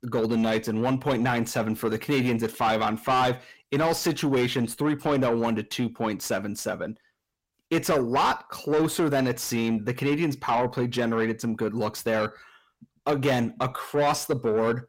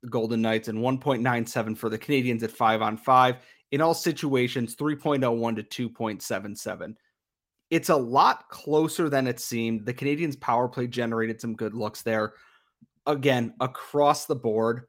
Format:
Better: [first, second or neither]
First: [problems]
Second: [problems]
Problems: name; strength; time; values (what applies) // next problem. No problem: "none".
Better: second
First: distortion; heavy; 8 dB below the speech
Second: none